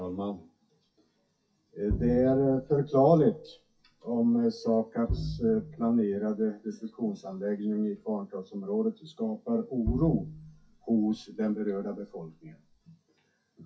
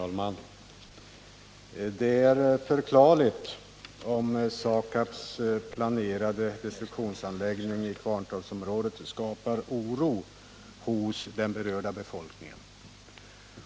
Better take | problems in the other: second | noise reduction (classical method WPE with log-MMSE)

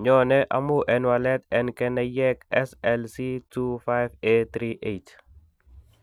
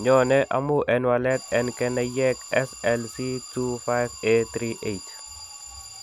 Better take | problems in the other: first | background sound (Alarm); 17 dB below the speech

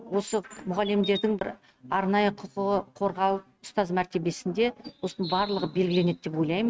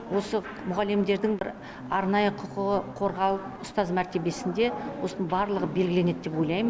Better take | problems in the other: second | noise reduction (neural mask model RNNoise)

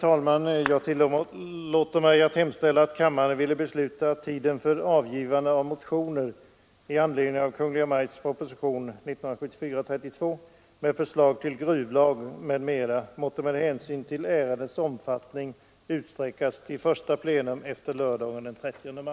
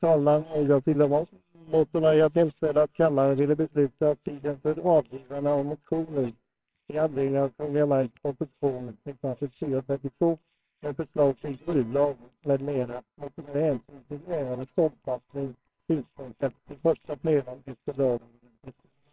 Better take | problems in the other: first | noise reduction (neural separator model SepFormer WHAMR!)

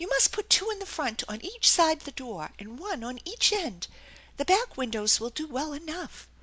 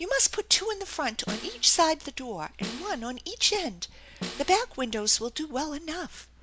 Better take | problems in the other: first | background sound (Snare drum); 13 dB below the speech

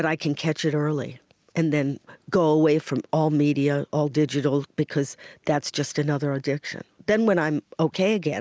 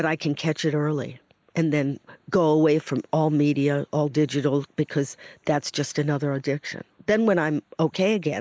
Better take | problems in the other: first | noise reduction (neural mask model Resemble Enhance denoiser)

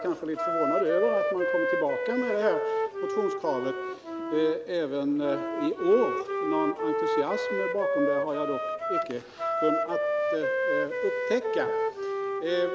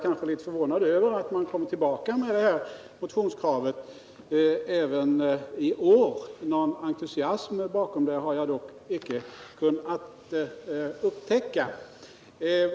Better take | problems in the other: second | background sound (Wind instrument, woodwind instrument); as loud as the speech

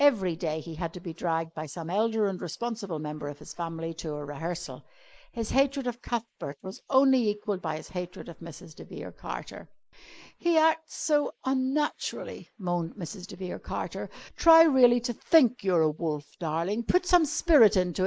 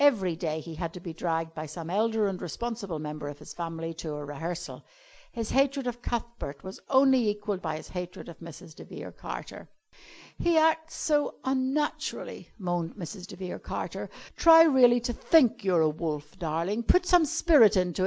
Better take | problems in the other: second | noise reduction (neural mask model Resemble Enhance denoiser)

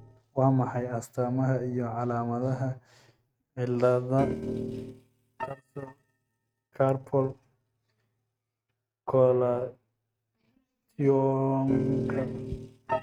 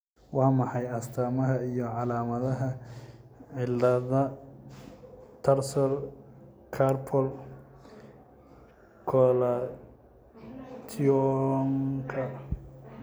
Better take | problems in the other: second | noise reduction (neural mask model RNNoise)

